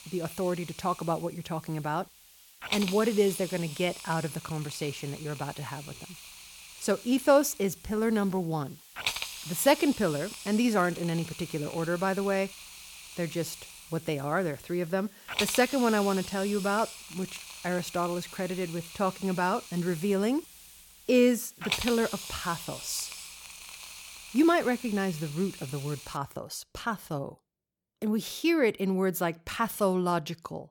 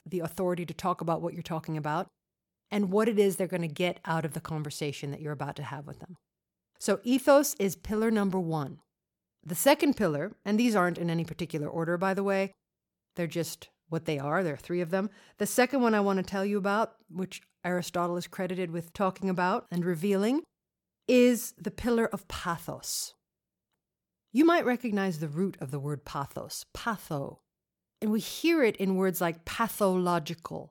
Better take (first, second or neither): second